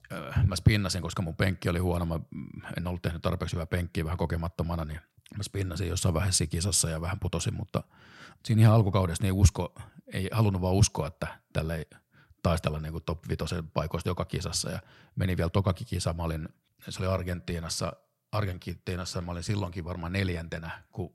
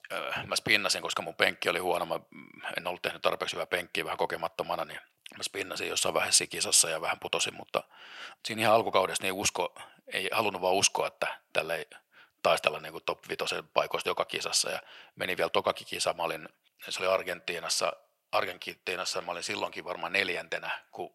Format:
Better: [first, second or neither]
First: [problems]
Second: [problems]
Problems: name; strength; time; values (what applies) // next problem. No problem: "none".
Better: first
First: none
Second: thin; very; fading below 550 Hz